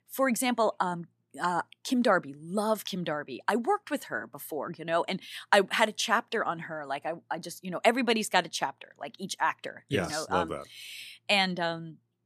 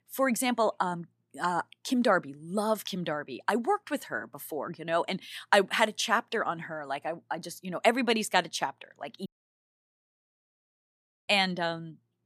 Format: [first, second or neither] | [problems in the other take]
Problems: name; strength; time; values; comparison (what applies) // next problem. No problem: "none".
first | audio cutting out; at 9.5 s for 2 s